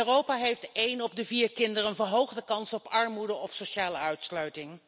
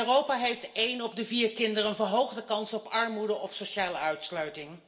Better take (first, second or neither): first